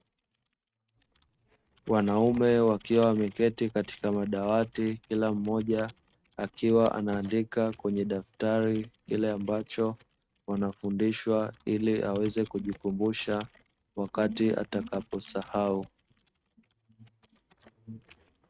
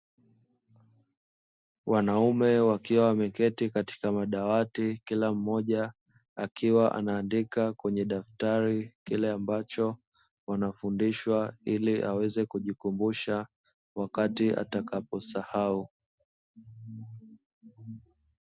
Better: second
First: noise reduction (neural mask model RNNoise)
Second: none

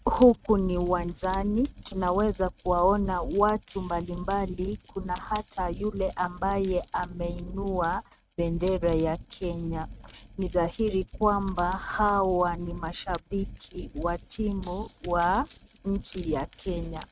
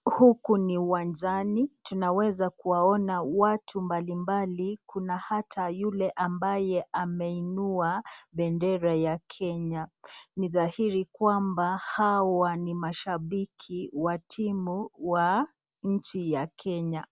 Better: second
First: noise reduction (neural mask model RNNoise)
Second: none

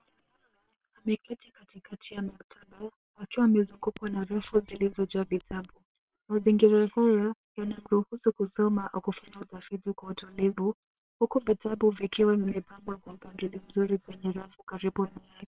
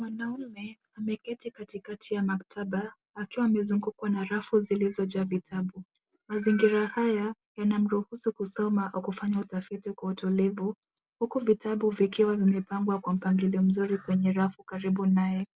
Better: second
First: noise reduction (neural separator model SepFormer WHAM!)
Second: none

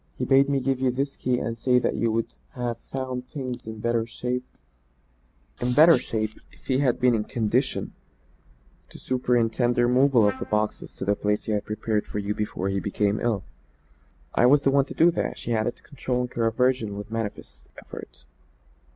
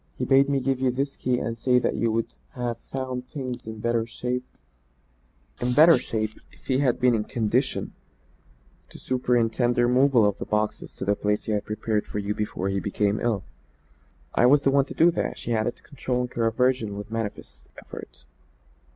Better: second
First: background sound (Trumpet); 19 dB below the speech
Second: none

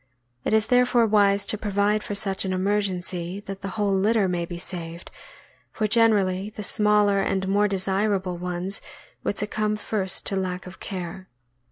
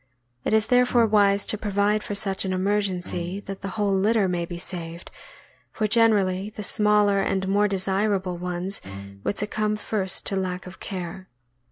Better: first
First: none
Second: background sound (Bowed string instrument); 17 dB below the speech

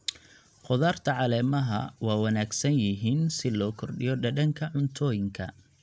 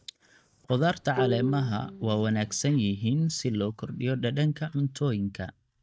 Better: first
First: none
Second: noise reduction (neural mask model DeepFilterNet 3)

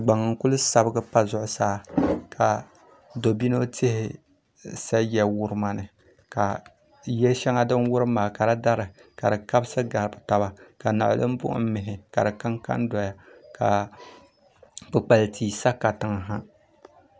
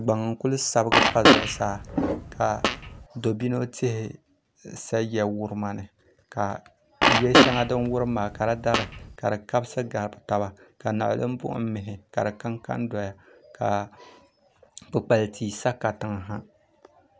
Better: first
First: none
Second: background sound (Fart); 5 dB above the speech

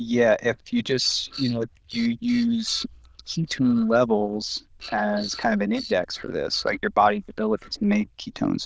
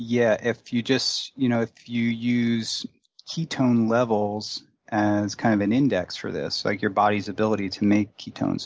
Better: second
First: noise reduction (neural diffusion model UNIVERSE++)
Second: none

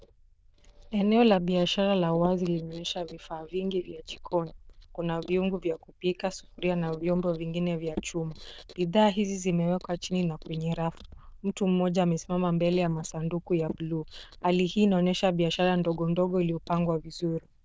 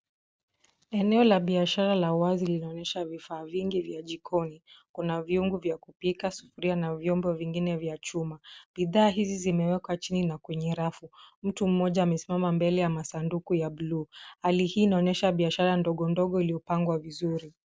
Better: second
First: noise reduction (neural diffusion model UNIVERSE++)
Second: none

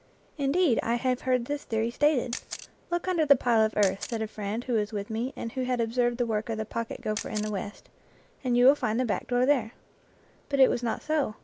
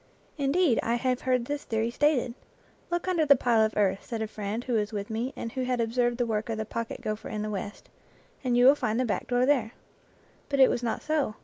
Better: second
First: background sound (Camera); 15 dB below the speech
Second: none

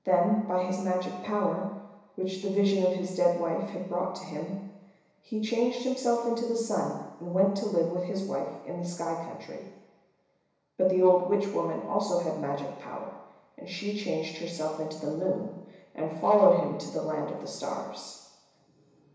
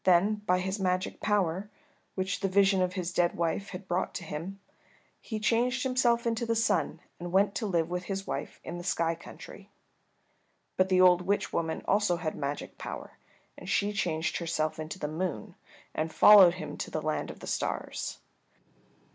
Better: second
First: room echo; dies away in 1 s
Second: none

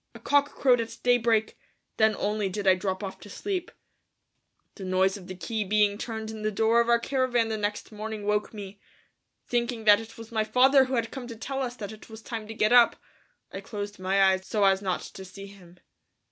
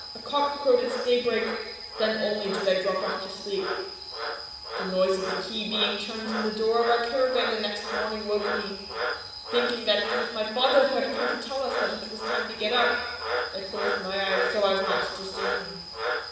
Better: first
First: none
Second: background sound (Frog); 4 dB below the speech // room echo; dies away in 1.3 s

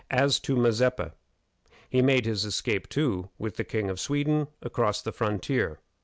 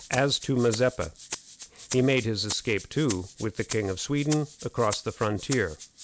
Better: first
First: none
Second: background sound (Rattle (instrument)); 13 dB below the speech

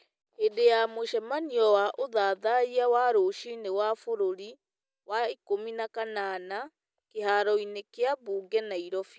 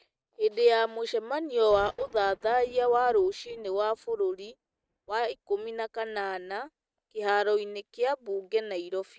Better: first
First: none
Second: noise reduction (neural mask model RNNoise)

